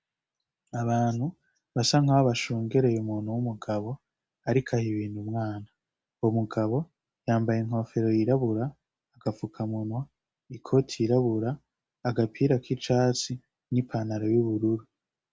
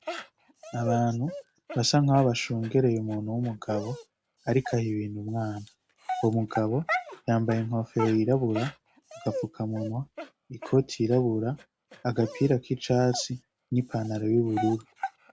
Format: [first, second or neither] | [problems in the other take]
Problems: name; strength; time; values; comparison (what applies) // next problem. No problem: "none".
first | background sound (Dog); 12 dB below the speech